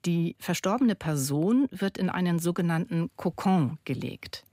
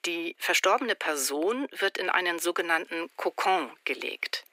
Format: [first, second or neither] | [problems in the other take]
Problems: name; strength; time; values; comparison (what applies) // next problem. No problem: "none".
first | thin; very; fading below 350 Hz